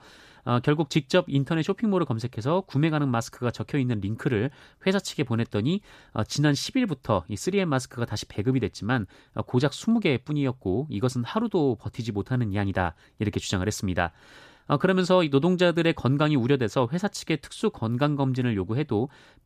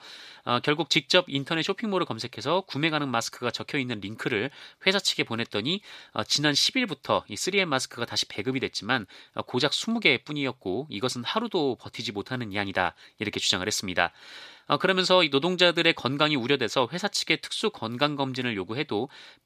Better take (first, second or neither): first